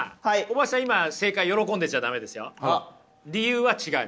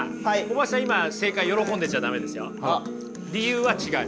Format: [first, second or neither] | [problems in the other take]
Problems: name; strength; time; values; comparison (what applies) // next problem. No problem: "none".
first | background sound (Acoustic guitar); 7 dB below the speech